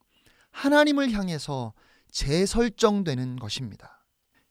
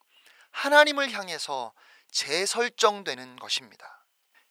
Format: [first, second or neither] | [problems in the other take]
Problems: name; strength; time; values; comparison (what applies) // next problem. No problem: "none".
first | thin; very; fading below 750 Hz